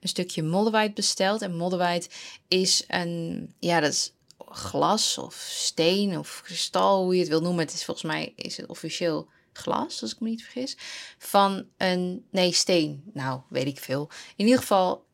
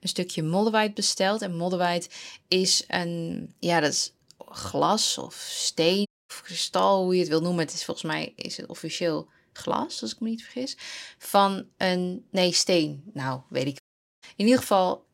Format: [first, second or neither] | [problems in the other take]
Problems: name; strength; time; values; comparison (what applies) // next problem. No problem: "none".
first | audio cutting out; at 6 s and at 14 s